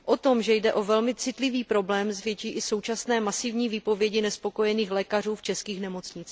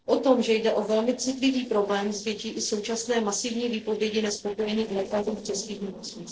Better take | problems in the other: first | noise reduction (neural separator model SepFormer DNS4)

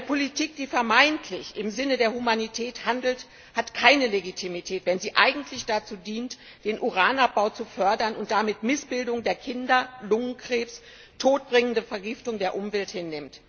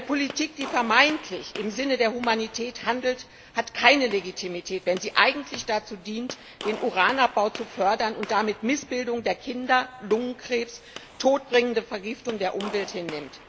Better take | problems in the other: first | background sound (Gunshot, gunfire); 17 dB below the speech

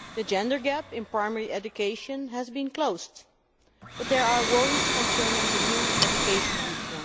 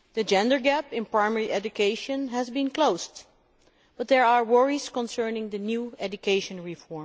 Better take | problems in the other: second | background sound (Wood + Domestic sounds, home sounds); as loud as the speech

